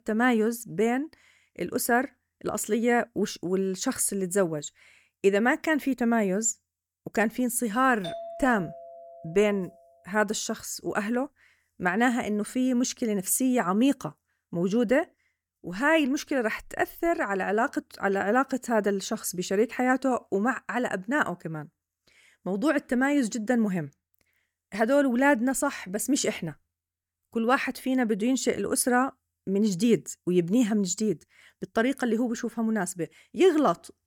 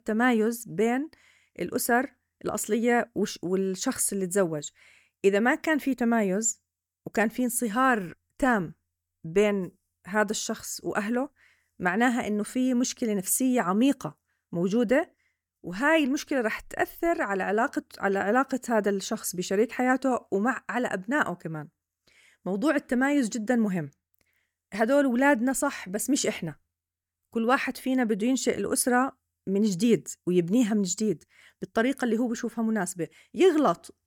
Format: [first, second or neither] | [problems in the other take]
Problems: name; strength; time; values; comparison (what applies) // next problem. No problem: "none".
second | doorbell; faint; from 8 to 9.5 s; peak 10 dB below the speech